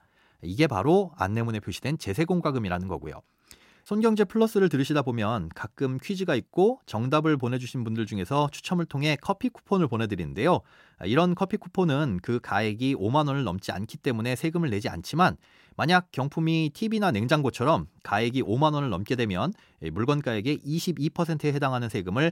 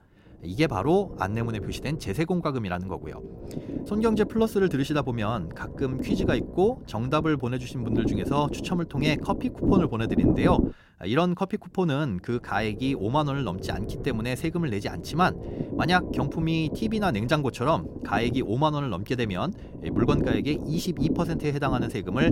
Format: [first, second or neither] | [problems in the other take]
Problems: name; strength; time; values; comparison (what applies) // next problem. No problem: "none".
first | low rumble; loud; throughout; 8 dB below the speech